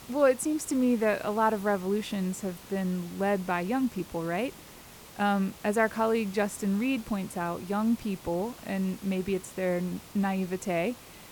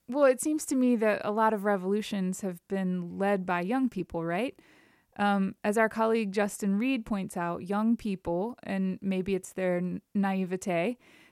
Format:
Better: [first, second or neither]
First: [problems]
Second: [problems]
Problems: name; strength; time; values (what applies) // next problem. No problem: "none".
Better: second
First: hiss; noticeable; throughout; 20 dB below the speech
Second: none